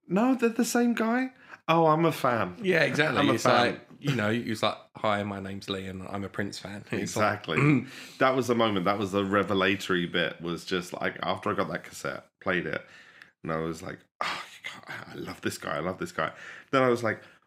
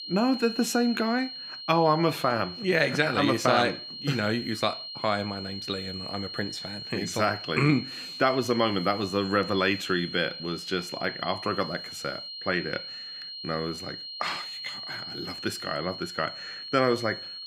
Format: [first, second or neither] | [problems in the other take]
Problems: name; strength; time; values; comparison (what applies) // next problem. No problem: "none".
first | high-pitched whine; loud; throughout; 4 kHz, 9 dB below the speech